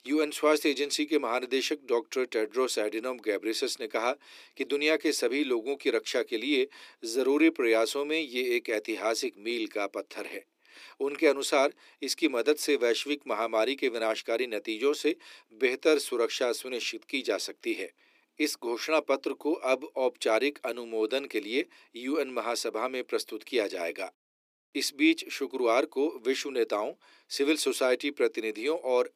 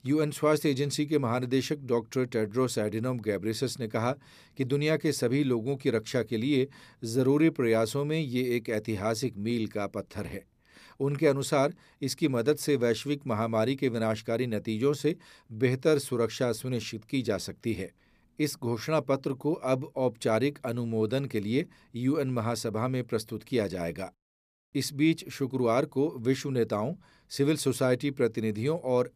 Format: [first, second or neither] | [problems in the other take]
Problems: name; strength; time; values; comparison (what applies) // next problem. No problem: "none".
second | thin; somewhat; fading below 300 Hz